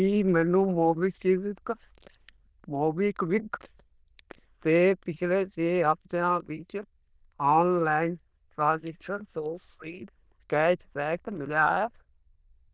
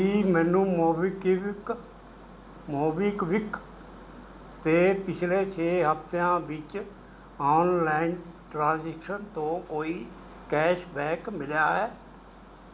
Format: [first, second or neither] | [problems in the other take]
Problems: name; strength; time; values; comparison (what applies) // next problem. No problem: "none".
second | noise reduction (neural diffusion model UNIVERSE++)